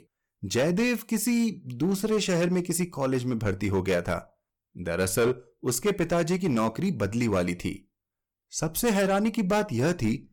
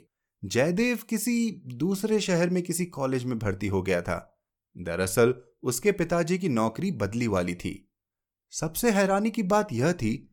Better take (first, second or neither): second